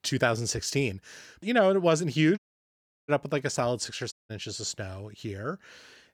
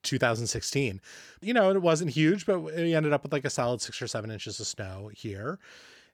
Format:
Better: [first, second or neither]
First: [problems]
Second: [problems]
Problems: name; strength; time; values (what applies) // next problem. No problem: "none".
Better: second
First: audio cutting out; at 2.5 s for 0.5 s and at 4 s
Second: none